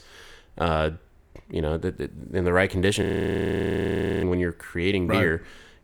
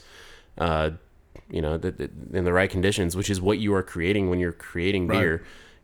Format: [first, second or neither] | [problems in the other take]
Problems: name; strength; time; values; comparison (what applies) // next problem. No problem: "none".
second | audio freezing; at 3 s for 1 s